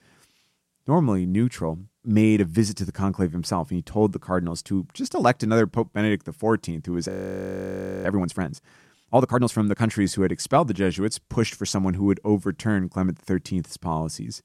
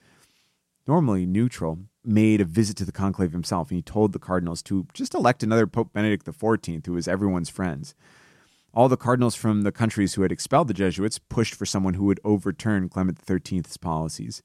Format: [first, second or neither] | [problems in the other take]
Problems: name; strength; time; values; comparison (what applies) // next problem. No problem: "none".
second | audio freezing; at 7 s for 1 s